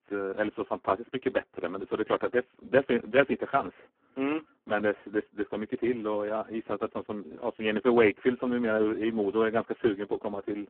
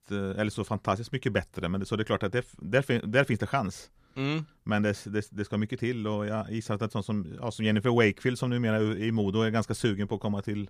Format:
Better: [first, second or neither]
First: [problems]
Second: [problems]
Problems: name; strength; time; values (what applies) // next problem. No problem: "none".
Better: second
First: phone-call audio; poor line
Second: none